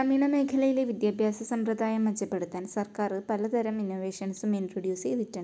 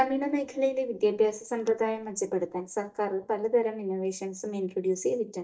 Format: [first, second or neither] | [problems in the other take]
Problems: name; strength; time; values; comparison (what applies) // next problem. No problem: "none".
first | noise reduction (neural mask model DeepFilterNet 3)